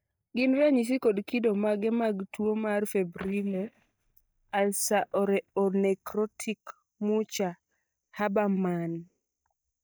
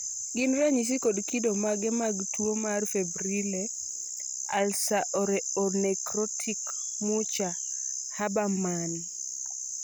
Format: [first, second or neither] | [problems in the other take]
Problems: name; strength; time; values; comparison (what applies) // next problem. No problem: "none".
second | noise reduction (neural mask model DeepFilterNet 3)